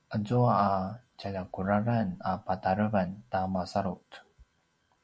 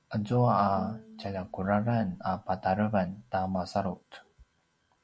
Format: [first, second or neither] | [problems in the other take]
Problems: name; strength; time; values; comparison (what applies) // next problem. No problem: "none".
first | background sound (Bowed string instrument); 17 dB below the speech